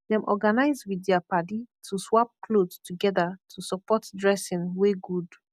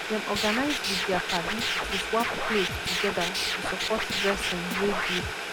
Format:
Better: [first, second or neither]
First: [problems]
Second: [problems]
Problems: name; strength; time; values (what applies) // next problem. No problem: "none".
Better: first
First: none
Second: background sound (Boiling + Scratching (performance technique)); 2 dB above the speech